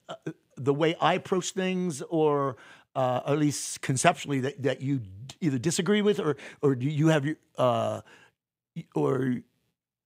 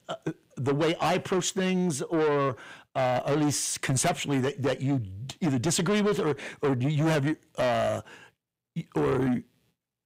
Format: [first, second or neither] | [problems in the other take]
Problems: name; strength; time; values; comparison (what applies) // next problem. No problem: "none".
first | distortion; heavy; 7 dB below the speech